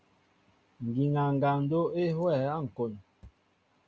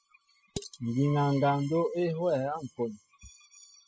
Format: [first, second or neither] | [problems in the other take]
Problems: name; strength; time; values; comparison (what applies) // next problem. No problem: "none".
first | noise reduction (classical method spectral subtraction)